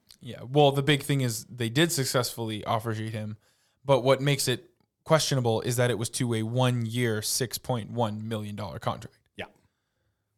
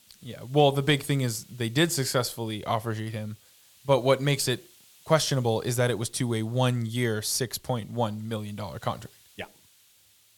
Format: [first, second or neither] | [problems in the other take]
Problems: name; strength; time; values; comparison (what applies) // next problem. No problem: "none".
first | hiss; faint; throughout; 30 dB below the speech